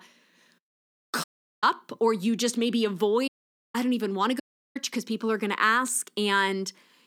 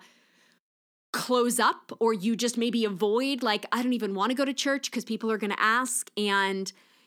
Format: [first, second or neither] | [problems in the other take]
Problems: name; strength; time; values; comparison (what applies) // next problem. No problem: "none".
second | audio cutting out; at 1 s, at 3.5 s and at 4.5 s